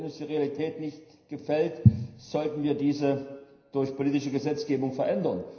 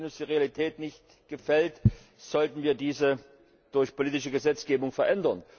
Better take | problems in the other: second | room echo; dies away in 0.9 s

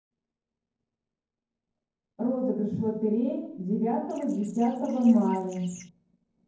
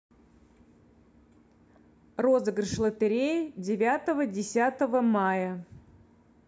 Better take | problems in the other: second | noise reduction (neural separator model SepFormer DNS4)

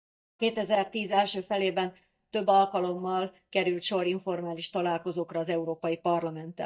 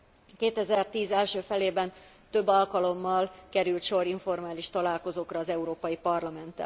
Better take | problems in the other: second | noise reduction (neural mask model DeepFilterNet 3)

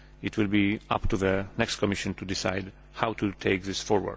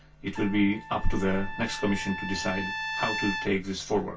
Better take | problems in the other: first | background sound (Trumpet); 8 dB below the speech // room echo; dies away in 0.1 s

